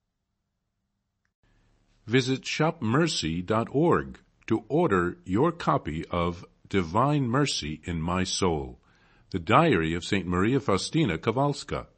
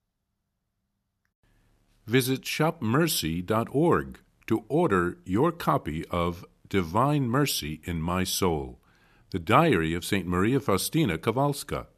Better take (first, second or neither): second